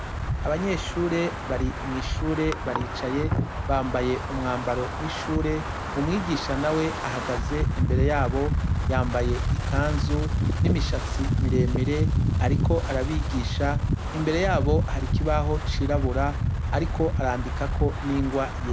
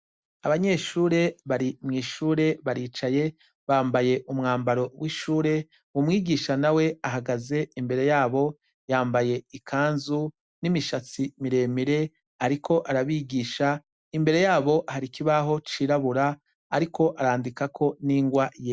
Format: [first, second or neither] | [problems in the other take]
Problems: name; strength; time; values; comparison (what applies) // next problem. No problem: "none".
second | background sound (Wind); 2 dB above the speech